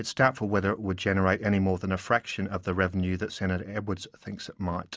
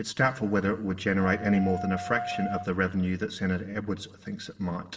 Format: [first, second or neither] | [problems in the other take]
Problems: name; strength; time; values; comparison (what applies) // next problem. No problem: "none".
first | background sound (Wind instrument, woodwind instrument); 9 dB below the speech // room echo; dies away in 2.1 s